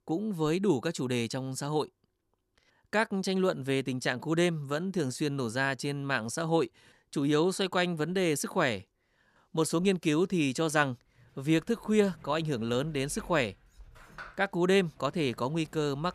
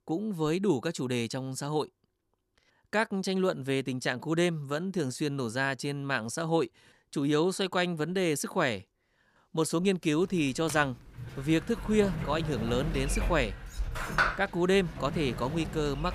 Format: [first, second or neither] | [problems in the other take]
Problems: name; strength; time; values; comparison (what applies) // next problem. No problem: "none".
first | household noises; loud; from 10 s on; 6 dB below the speech; faint in the first